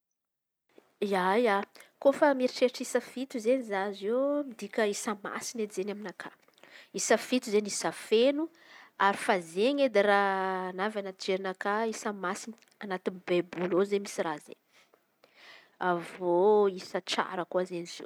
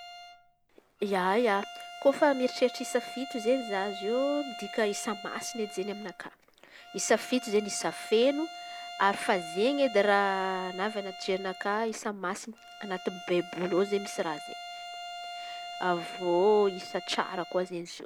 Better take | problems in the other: first | background sound (Bowed string instrument); 13 dB below the speech

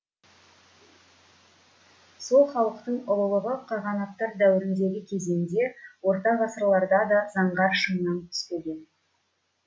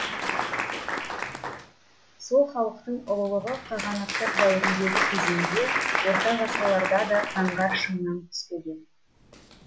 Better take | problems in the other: first | background sound (Applause); 2 dB below the speech

